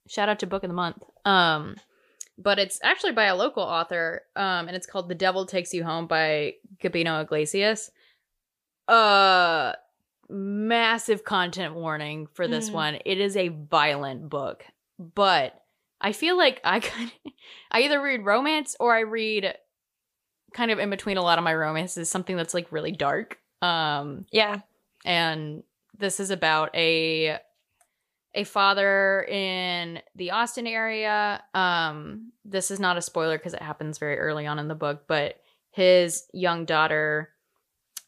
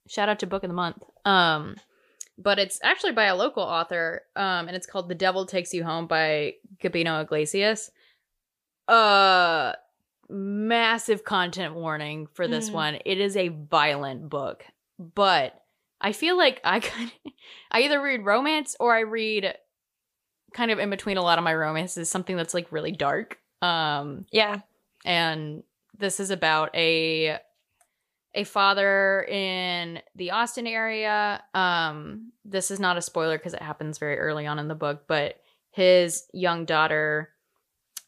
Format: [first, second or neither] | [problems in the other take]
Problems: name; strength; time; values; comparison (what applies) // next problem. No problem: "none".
neither | none